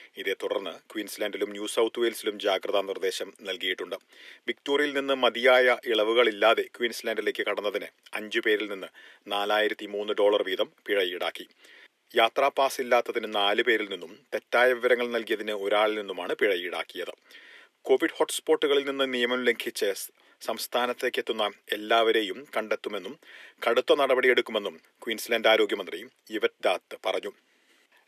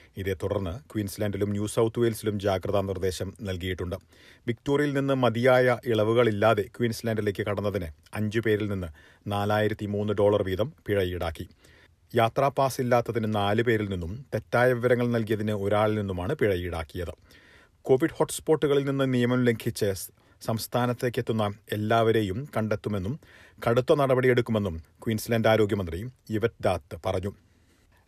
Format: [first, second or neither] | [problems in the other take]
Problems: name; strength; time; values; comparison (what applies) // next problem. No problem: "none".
second | thin; somewhat; fading below 300 Hz